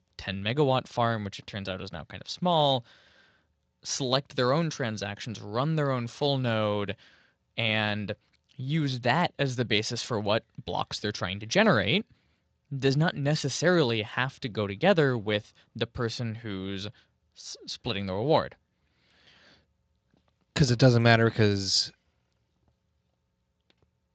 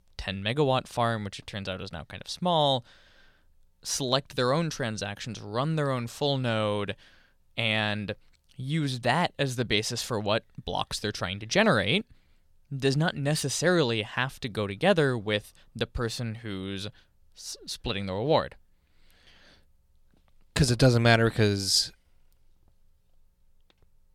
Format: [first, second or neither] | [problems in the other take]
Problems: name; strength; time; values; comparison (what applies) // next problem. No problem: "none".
second | garbled, watery; slightly; nothing above 7.5 kHz